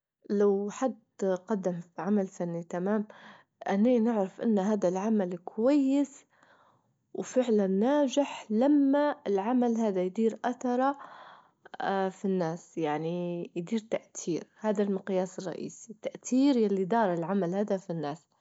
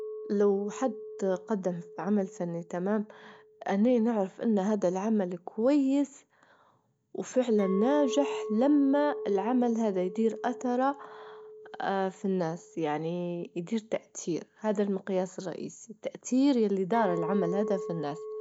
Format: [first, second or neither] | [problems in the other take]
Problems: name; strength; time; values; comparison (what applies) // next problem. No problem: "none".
first | background sound (Chink, clink); 12 dB below the speech